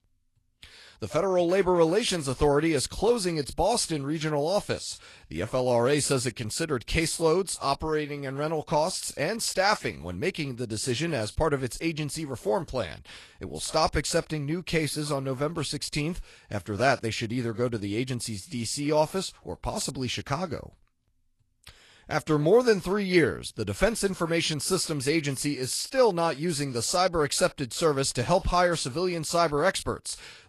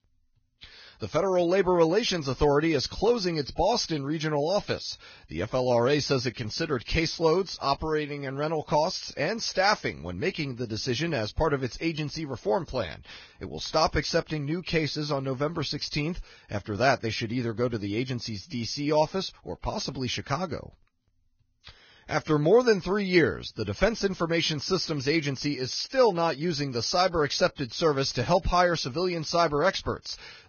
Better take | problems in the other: first | garbled, watery; badly; nothing above 6.5 kHz; slightly in the first

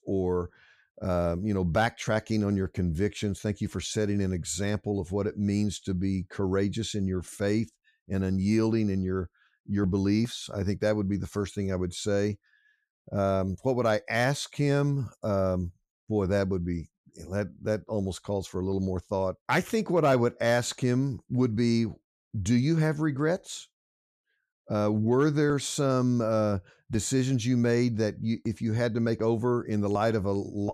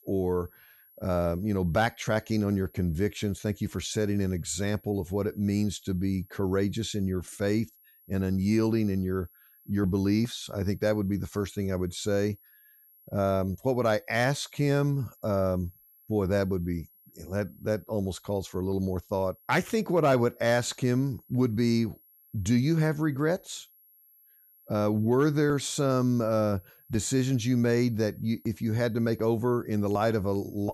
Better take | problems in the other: first | high-pitched whine; faint; throughout; 11.5 kHz, 30 dB below the speech

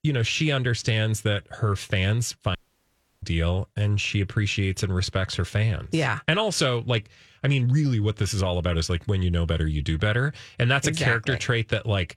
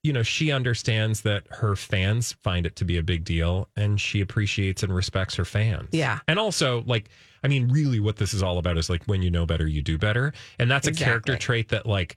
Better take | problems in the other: second | audio cutting out; at 2.5 s for 0.5 s

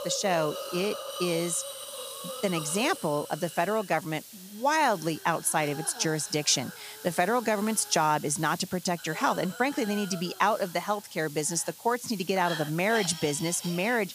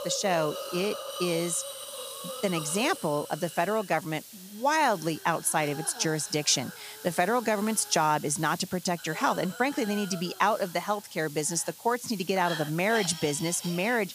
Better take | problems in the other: neither | hiss; noticeable; throughout; 10 dB below the speech; the same in both

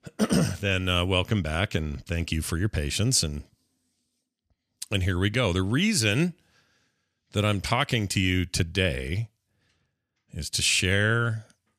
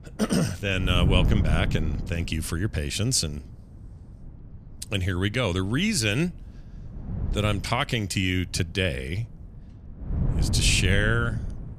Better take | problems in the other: first | wind noise on the microphone; occasional gusts; 15 dB below the speech

